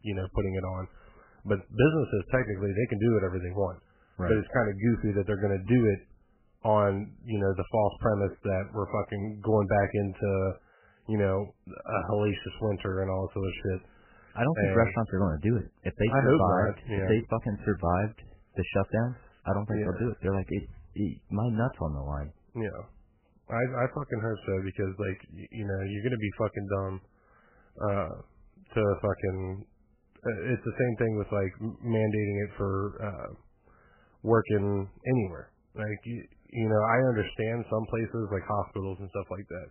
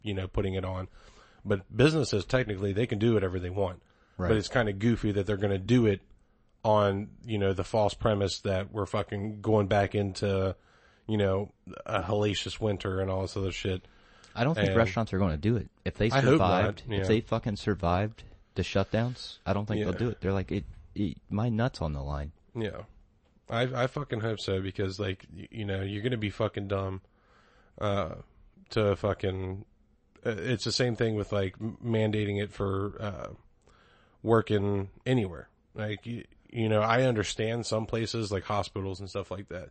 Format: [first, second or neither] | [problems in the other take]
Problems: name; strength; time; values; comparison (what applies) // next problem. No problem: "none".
second | garbled, watery; badly; nothing above 3 kHz; slightly in the second